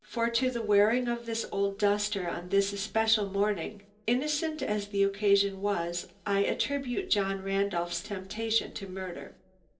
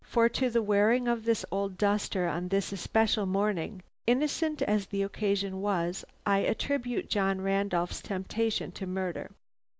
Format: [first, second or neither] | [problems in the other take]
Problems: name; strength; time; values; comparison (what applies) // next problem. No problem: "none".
second | room echo; dies away in 0.3 s